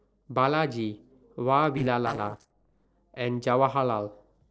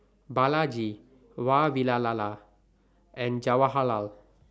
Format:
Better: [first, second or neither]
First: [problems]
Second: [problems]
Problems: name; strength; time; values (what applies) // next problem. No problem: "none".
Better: second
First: noise reduction (neural separator model SepFormer DNS4)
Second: none